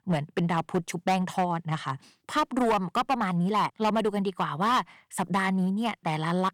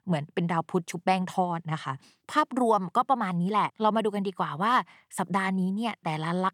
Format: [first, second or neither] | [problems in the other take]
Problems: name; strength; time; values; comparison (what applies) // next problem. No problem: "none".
second | distortion; slight; 8% of the sound clipped